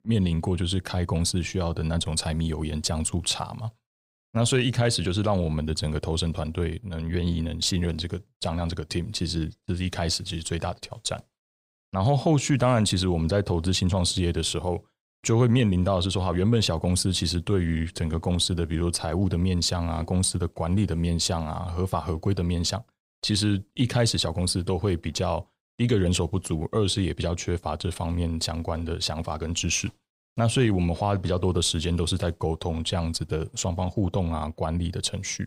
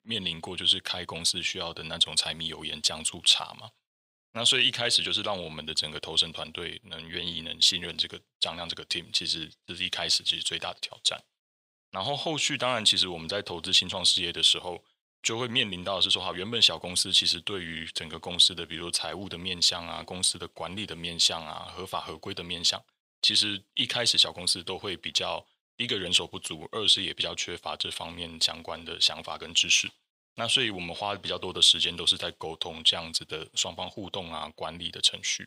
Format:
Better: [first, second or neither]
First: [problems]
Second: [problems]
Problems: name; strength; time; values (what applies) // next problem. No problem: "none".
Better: first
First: none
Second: thin; somewhat; fading below 850 Hz